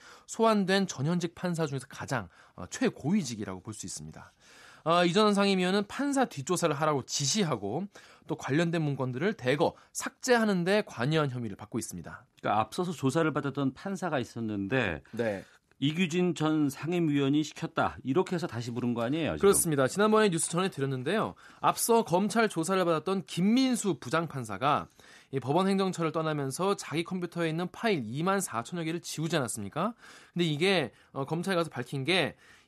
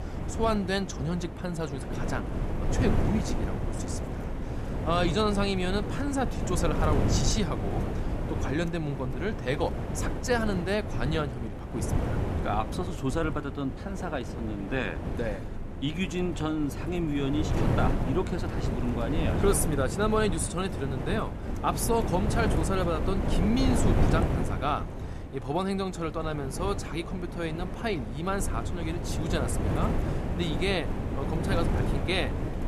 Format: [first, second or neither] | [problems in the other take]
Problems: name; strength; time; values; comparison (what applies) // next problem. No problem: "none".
first | wind noise on the microphone; heavy; 5 dB below the speech